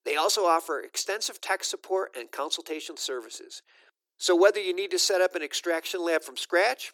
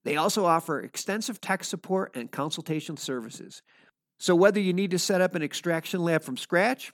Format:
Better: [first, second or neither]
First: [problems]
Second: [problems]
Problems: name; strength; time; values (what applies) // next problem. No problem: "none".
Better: second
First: thin; very; fading below 350 Hz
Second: none